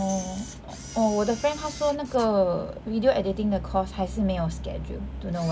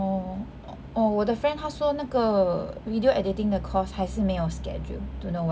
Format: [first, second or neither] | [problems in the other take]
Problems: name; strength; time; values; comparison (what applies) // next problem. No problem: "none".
second | background sound (Camera + Tambourine); 20 dB below the speech